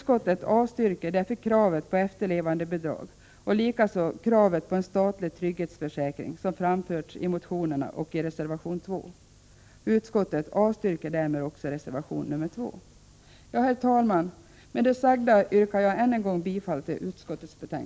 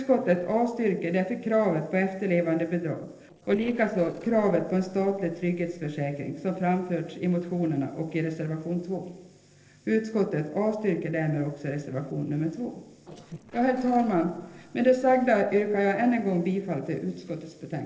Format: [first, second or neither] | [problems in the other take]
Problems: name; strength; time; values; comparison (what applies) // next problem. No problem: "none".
first | noise reduction (neural separator model SepFormer DNS4)